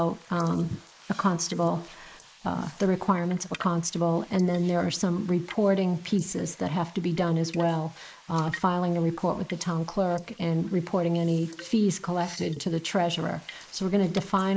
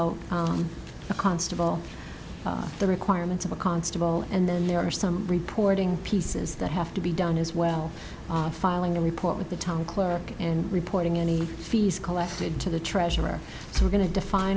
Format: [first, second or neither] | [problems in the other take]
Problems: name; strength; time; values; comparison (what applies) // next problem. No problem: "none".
second | noise reduction (neural mask model Resemble Enhance denoiser)